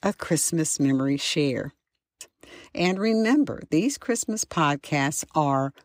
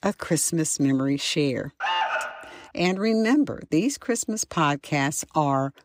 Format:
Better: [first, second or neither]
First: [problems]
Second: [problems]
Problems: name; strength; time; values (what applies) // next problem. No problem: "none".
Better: first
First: none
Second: alarm; noticeable; at 2 s; peak level with the speech